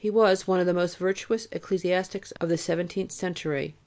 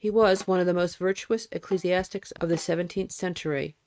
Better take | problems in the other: first | noise reduction (neural mask model RNNoise)

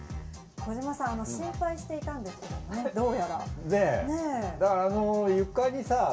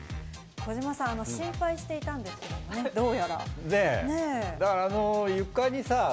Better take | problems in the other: second | room echo; dies away in 0.2 s

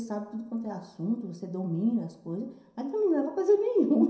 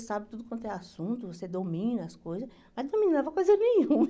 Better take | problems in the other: second | room echo; dies away in 0.7 s

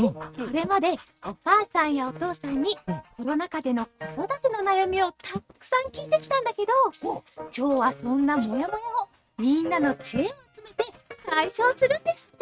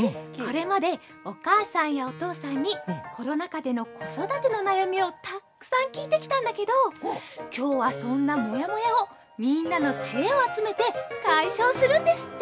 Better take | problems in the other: second | noise reduction (neural mask model RNNoise)

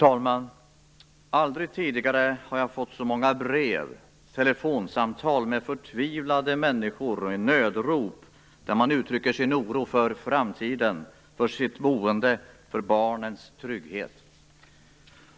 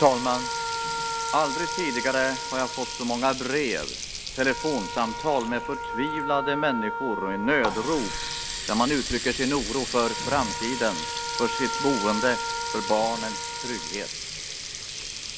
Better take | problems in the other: first | background sound (Water tap, faucet + Wind instrument, woodwind instrument); 4 dB below the speech

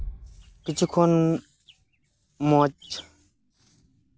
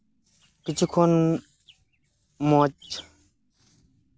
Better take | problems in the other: second | background sound (Bass drum); 19 dB below the speech

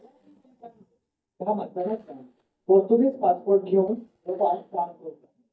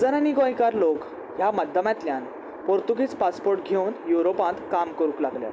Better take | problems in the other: second | noise reduction (neural mask model DeepFilterNet 3)

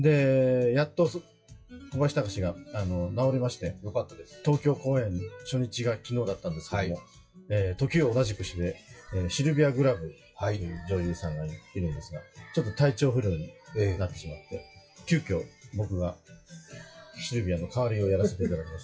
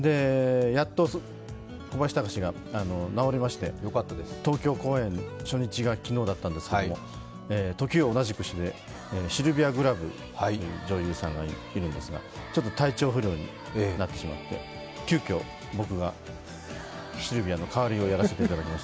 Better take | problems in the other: second | noise reduction (classical method WPE with log-MMSE)

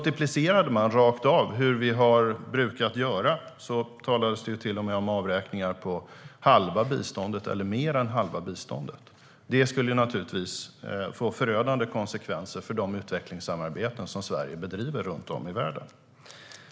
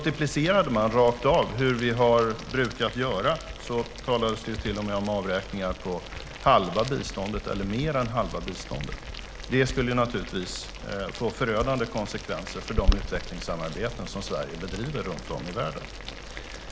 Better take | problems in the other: first | background sound (Boiling); 8 dB below the speech

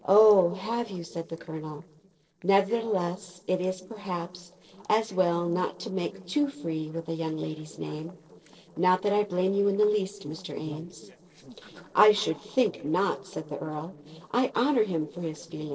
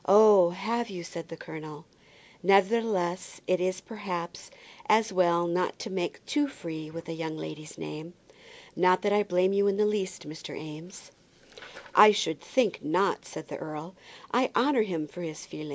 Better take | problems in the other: second | noise reduction (neural separator model SepFormer DNS4)

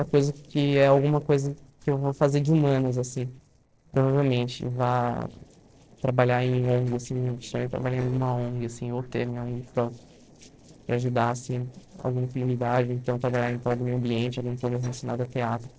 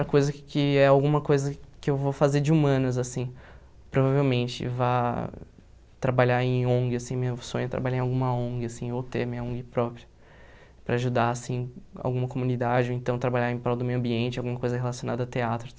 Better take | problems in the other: second | noise reduction (neural separator model SepFormer DNS4)

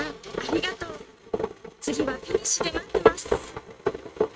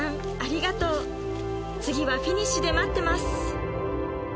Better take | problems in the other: second | noise reduction (neural mask model RNNoise)

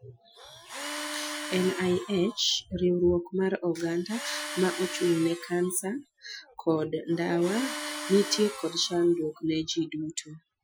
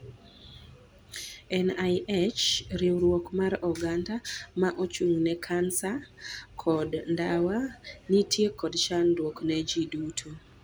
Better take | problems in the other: second | noise reduction (classical method Wiener filter)

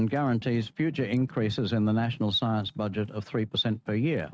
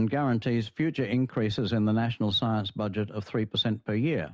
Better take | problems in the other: second | noise reduction (neural mask model RNNoise)

